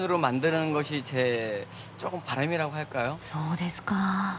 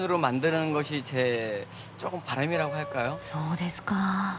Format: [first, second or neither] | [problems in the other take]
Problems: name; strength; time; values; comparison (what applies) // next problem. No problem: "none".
first | background sound (Piano); 16 dB below the speech